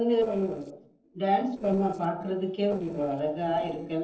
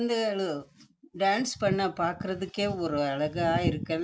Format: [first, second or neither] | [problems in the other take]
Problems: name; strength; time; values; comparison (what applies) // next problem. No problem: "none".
second | noise reduction (neural separator model SepFormer DNS4)